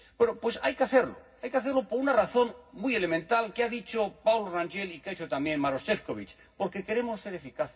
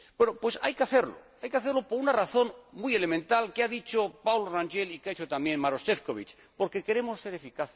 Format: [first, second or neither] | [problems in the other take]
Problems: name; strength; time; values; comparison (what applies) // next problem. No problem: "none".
second | room echo; dies away in 0.4 s